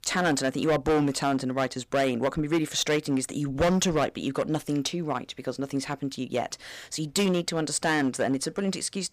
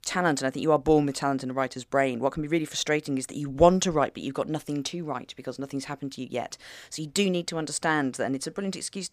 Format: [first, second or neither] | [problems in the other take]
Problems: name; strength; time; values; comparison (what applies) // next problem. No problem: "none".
second | distortion; heavy; 7% of the sound clipped